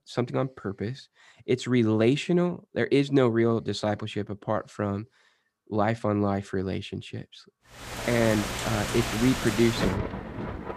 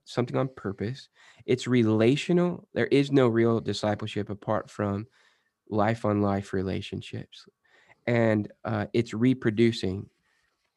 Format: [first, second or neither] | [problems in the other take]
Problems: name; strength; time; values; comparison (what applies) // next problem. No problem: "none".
second | rain or running water; loud; from 8 s on; 5 dB below the speech